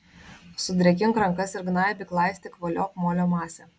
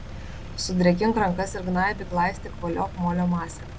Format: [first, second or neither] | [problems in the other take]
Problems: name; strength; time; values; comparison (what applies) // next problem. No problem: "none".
first | background sound (Engine); 11 dB below the speech